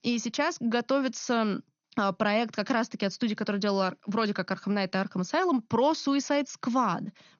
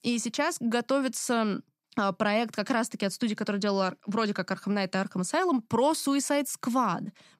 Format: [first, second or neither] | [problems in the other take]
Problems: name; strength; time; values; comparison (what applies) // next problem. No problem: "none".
second | garbled, watery; slightly; nothing above 6.5 kHz